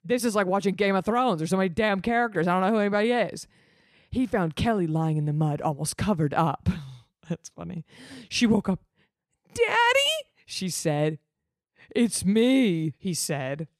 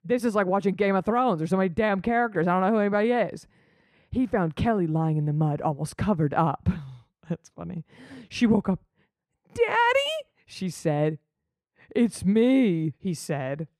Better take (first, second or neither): first